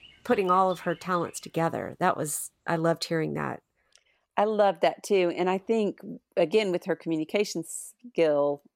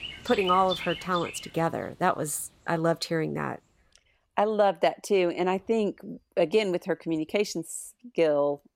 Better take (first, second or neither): first